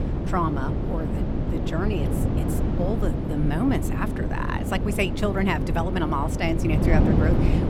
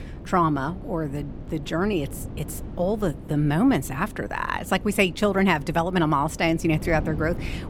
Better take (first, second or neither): second